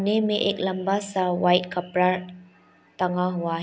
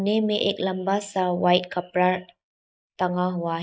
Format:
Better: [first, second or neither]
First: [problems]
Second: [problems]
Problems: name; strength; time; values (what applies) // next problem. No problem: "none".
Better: first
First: none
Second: noise reduction (neural mask model Resemble Enhance denoiser)